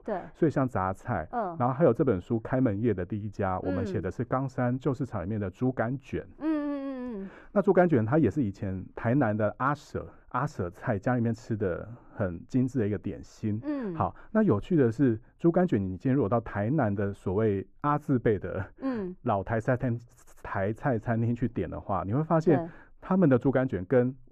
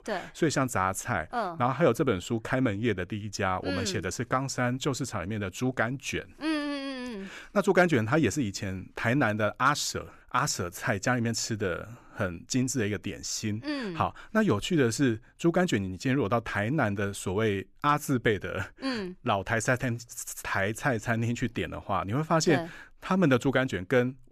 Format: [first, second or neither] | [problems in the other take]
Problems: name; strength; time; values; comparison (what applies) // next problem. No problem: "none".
second | muffled; very; fading above 2 kHz